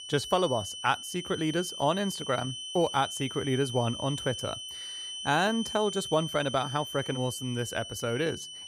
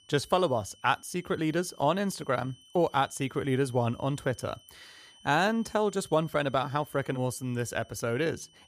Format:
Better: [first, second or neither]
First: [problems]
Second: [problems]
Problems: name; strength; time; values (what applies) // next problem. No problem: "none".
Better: second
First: high-pitched whine; loud; throughout; 3 kHz, 7 dB below the speech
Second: high-pitched whine; faint; throughout; 3 kHz, 25 dB below the speech